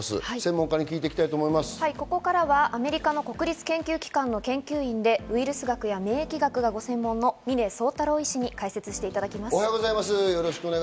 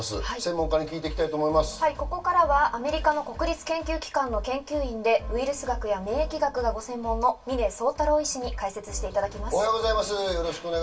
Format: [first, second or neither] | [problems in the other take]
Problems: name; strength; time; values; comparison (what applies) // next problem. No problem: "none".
first | room echo; dies away in 0.2 s